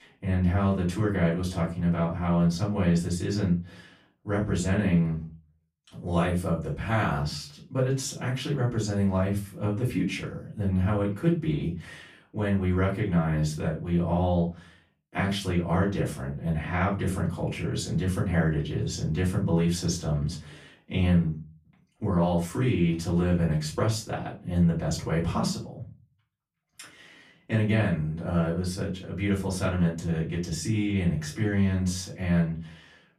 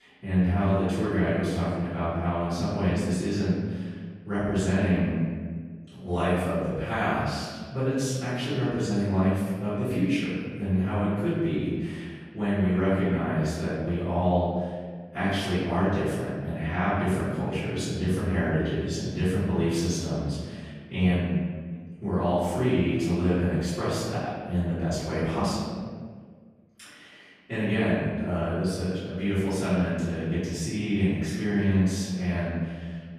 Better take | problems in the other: first | room echo; strong; dies away in 1.5 s; slight in the first // off-mic speech; far; far in the first

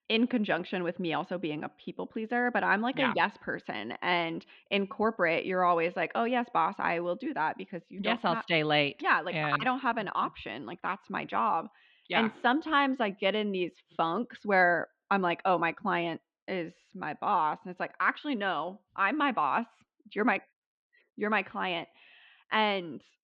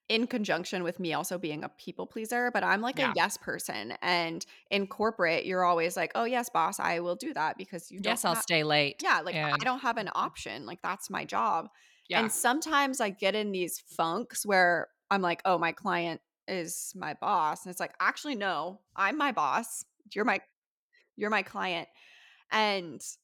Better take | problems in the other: second | muffled; slightly; fading above 3.5 kHz

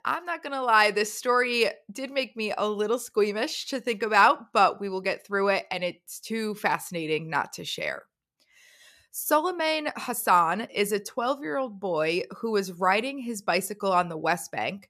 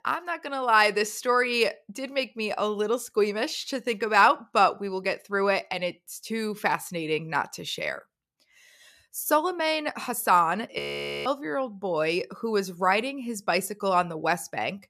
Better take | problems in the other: first | audio freezing; at 11 s

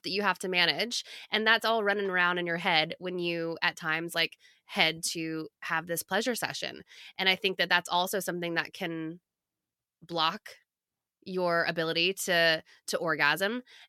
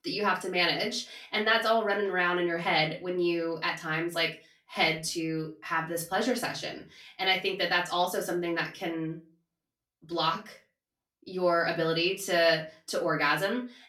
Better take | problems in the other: first | off-mic speech; far // room echo; very slight; dies away in 0.3 s

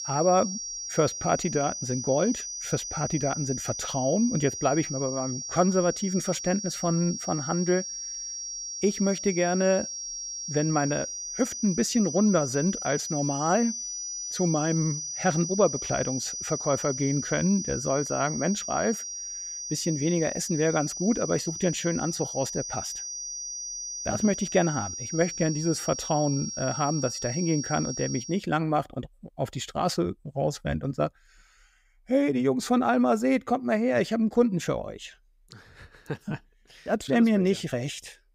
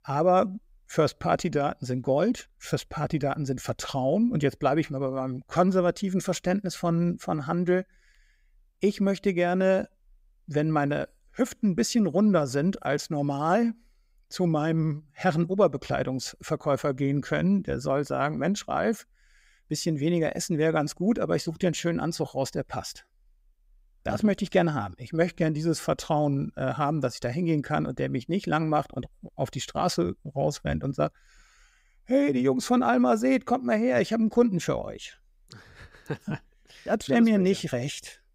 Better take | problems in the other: second | high-pitched whine; loud; until 28 s; 6 kHz, 6 dB below the speech

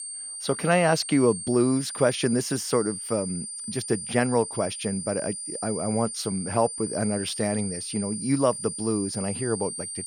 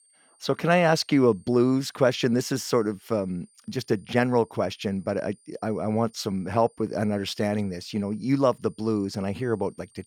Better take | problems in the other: second | high-pitched whine; loud; throughout; 9 kHz, 6 dB below the speech; faint in the second

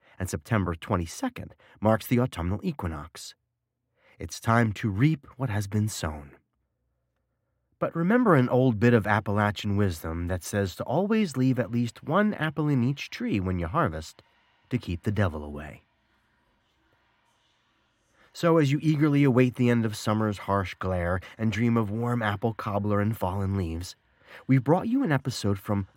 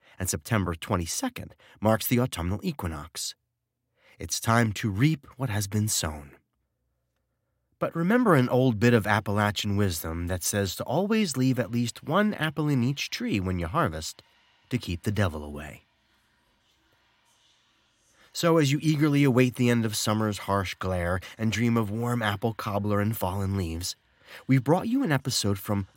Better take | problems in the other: second | muffled; slightly; fading above 3 kHz

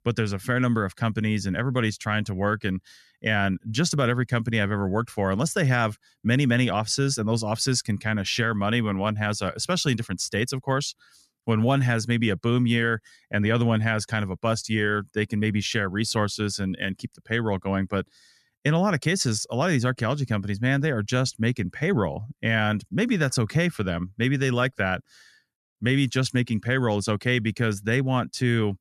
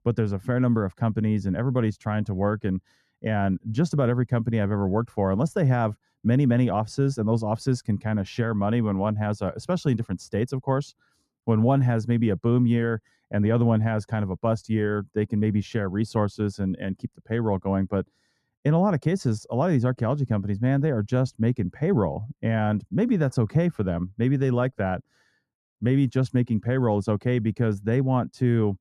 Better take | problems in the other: first | muffled; slightly; fading above 1.5 kHz

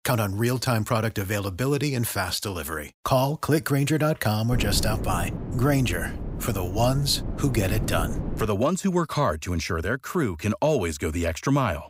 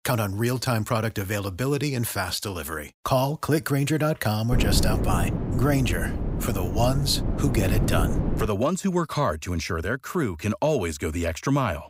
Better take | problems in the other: first | wind noise on the microphone; heavy; from 4.5 to 8.5 s; 7 dB below the speech; occasional gusts in the first

